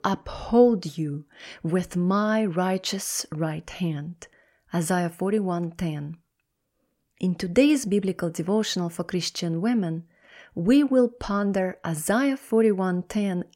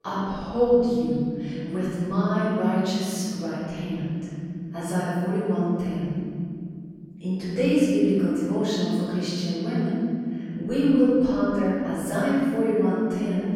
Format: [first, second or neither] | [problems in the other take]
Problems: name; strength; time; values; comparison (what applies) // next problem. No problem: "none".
first | room echo; strong; dies away in 2.8 s // off-mic speech; far